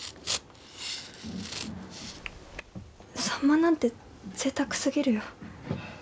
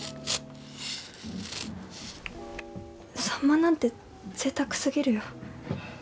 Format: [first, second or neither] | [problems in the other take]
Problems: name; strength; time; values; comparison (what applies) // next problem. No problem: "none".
first | background sound (Guitar); 18 dB below the speech